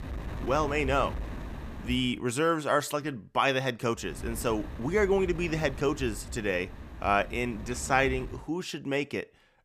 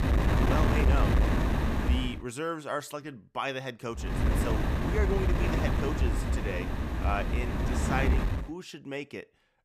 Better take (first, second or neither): first